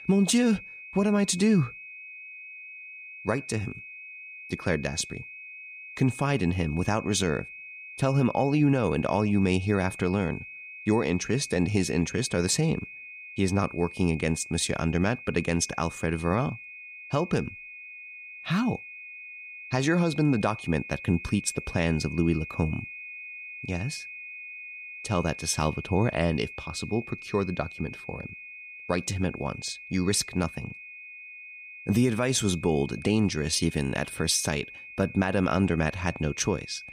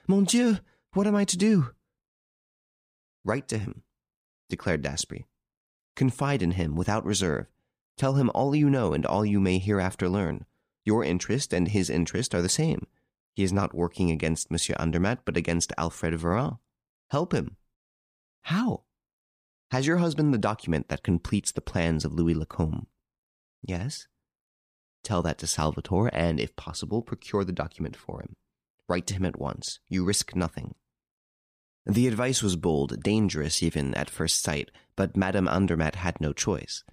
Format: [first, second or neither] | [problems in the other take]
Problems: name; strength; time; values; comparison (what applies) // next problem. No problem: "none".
second | high-pitched whine; noticeable; throughout; 2.5 kHz, 15 dB below the speech